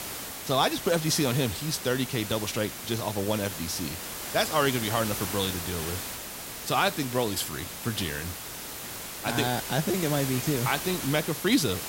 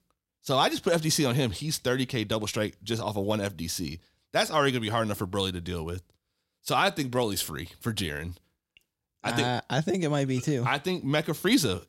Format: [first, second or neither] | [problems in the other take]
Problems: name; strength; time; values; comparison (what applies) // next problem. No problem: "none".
second | hiss; loud; throughout; 6 dB below the speech